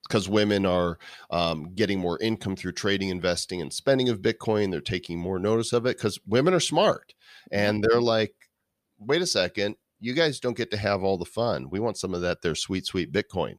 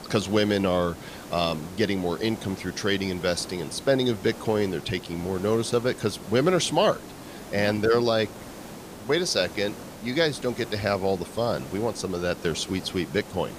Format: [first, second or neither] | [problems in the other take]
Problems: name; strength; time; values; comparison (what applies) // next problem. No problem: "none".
first | hiss; noticeable; throughout; 15 dB below the speech